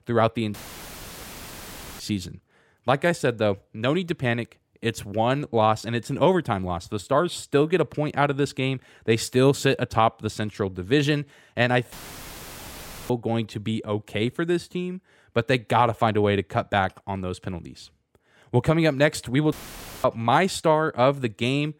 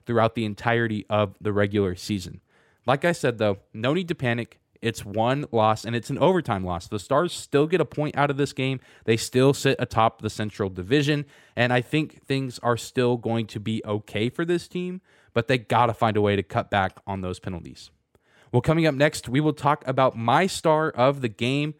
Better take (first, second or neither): second